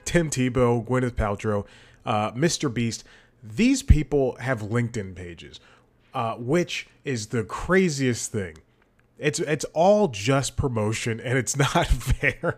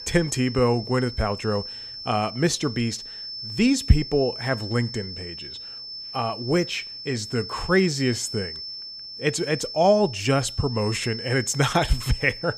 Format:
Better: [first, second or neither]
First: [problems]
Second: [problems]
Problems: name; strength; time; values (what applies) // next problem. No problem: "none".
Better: first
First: none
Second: high-pitched whine; loud; throughout; 5.5 kHz, 9 dB below the speech